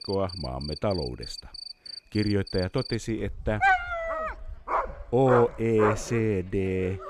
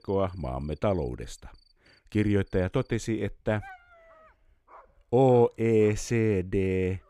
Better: second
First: animal sounds; loud; throughout; 4 dB below the speech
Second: animal sounds; faint; throughout; 30 dB below the speech

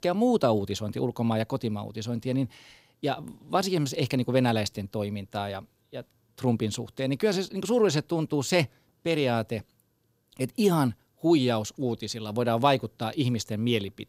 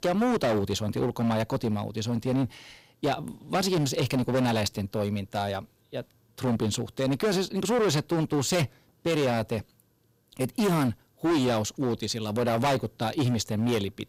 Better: first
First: none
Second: distortion; heavy; 14% of the sound clipped

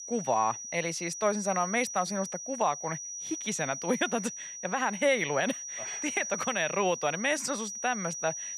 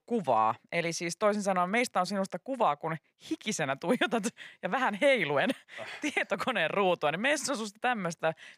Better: second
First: high-pitched whine; loud; throughout; 6 kHz, 6 dB below the speech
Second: none

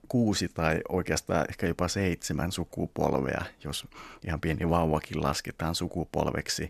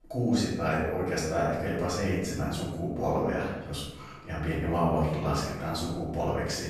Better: first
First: none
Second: room echo; noticeable; dies away in 0.9 s // off-mic speech; far

